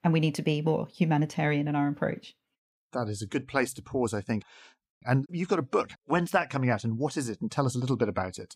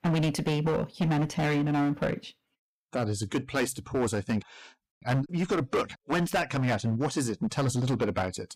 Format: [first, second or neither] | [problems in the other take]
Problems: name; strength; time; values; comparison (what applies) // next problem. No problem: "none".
first | distortion; heavy; 13% of the sound clipped